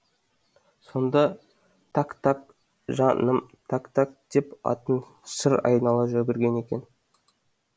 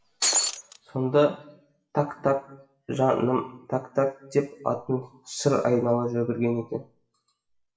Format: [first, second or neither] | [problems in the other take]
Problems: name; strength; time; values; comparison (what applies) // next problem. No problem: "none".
first | noise reduction (classical method WPE with log-MMSE)